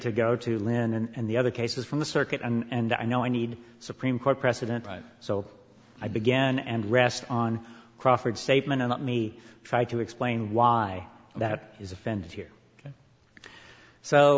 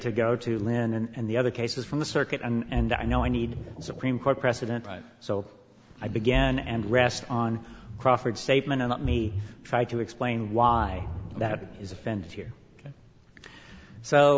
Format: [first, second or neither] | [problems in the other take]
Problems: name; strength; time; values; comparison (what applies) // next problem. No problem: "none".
first | background sound (Ocean); 11 dB below the speech